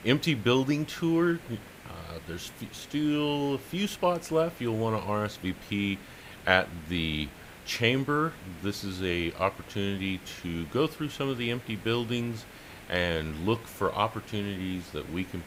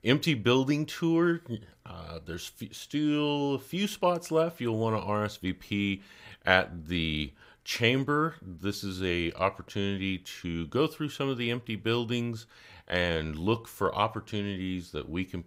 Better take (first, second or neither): second